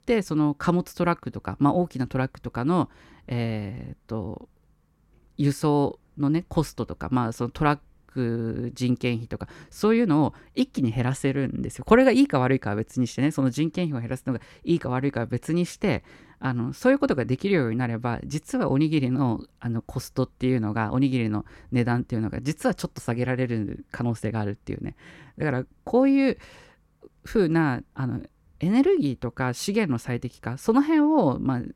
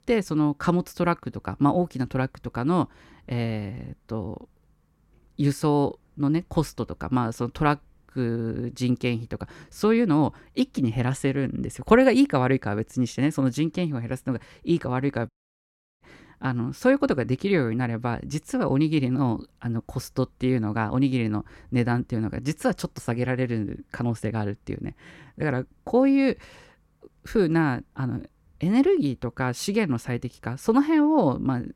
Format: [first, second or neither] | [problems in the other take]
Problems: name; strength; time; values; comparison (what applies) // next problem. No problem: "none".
first | audio cutting out; at 15 s for 0.5 s